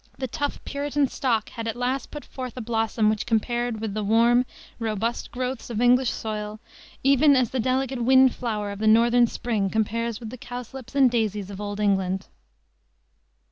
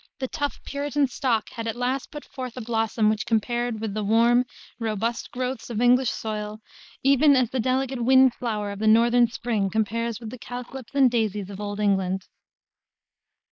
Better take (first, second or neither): first